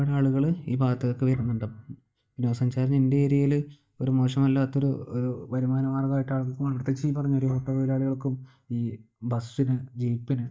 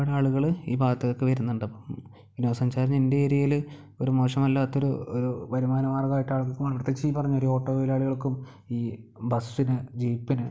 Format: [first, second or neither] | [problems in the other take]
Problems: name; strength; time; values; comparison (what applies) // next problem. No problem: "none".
second | noise reduction (neural mask model DeepFilterNet 3)